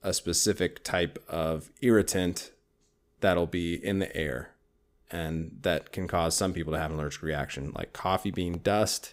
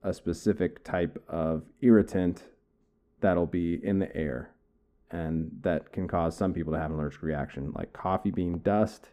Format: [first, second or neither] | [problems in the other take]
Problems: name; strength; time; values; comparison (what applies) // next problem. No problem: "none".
first | muffled; very; fading above 2.5 kHz